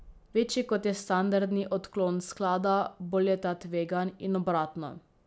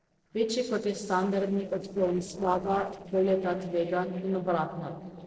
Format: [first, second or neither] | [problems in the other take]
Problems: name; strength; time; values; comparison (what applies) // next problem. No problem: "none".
first | noise reduction (neural separator model SepFormer DNS4)